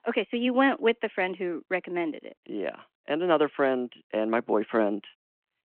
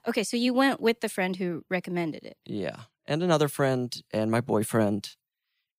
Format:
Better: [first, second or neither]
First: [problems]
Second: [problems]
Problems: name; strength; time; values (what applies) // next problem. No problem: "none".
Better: second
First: phone-call audio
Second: none